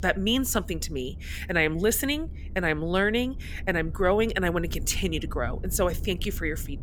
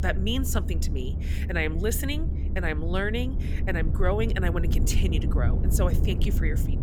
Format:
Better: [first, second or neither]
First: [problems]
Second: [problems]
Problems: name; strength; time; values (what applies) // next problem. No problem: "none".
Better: first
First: low rumble; faint; throughout; 25 dB below the speech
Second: low rumble; loud; throughout; 9 dB below the speech